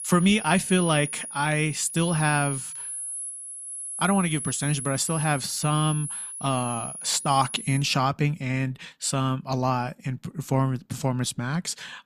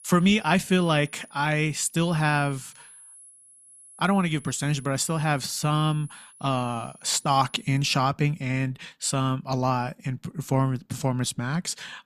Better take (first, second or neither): second